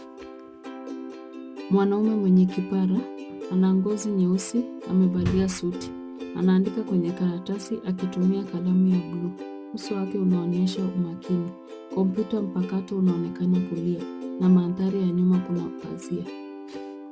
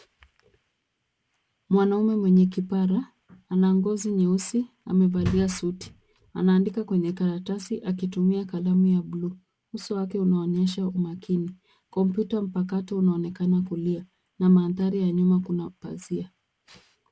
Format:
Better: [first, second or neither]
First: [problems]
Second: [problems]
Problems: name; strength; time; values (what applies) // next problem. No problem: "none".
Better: second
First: background sound (Plucked string instrument); 12 dB below the speech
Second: none